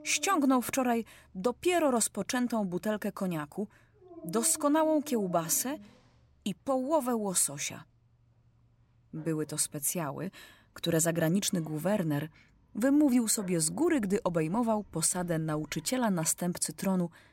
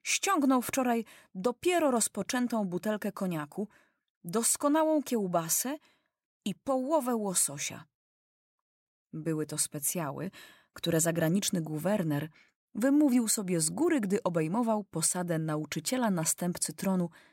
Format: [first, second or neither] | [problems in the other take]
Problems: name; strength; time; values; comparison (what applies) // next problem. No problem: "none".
second | animal sounds; faint; throughout; 20 dB below the speech